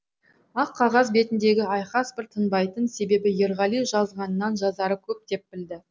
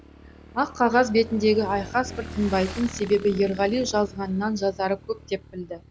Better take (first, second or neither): first